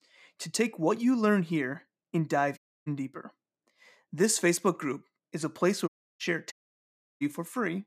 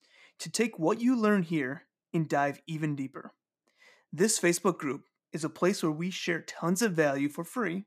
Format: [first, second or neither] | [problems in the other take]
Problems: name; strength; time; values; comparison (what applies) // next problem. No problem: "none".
second | audio cutting out; at 2.5 s, at 6 s and at 6.5 s for 0.5 s